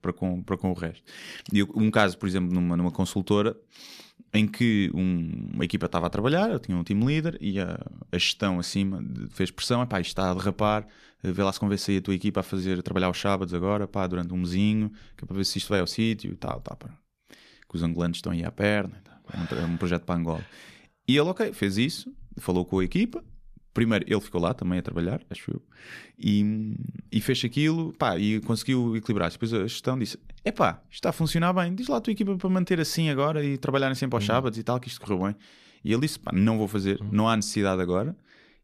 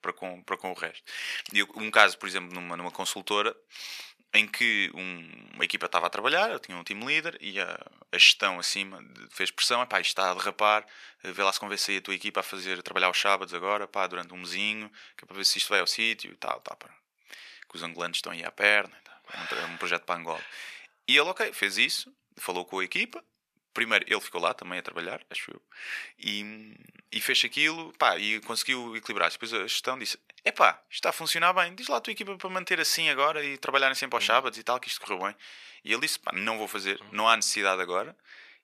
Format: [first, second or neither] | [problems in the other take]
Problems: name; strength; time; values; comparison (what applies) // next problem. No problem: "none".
first | thin; very; fading below 800 Hz